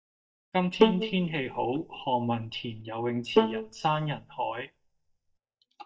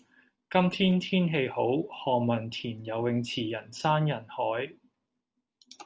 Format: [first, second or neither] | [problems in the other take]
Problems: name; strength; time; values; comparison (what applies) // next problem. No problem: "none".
second | noise reduction (neural mask model DeepFilterNet 3)